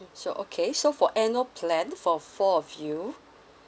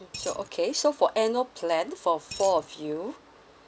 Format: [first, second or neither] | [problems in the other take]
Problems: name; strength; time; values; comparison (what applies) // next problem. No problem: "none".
first | background sound (Coin (dropping)); 11 dB below the speech